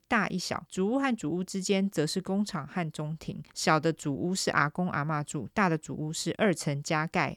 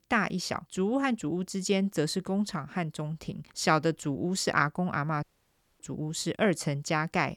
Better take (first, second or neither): first